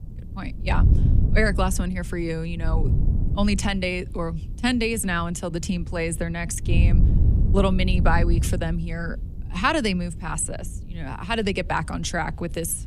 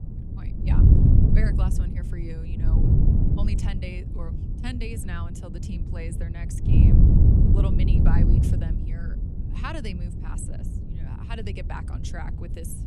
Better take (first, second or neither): first